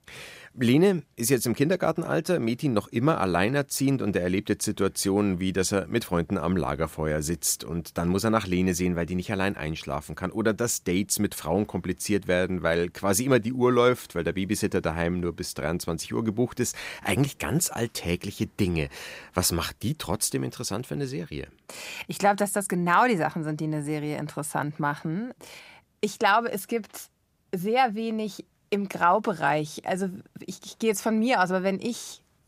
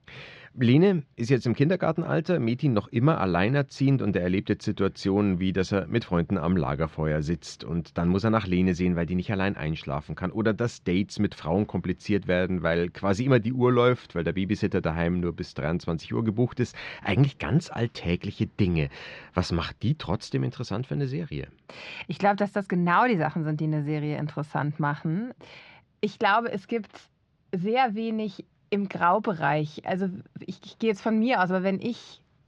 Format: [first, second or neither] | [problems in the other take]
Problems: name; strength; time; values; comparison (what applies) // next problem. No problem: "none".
first | muffled; slightly; fading above 4.5 kHz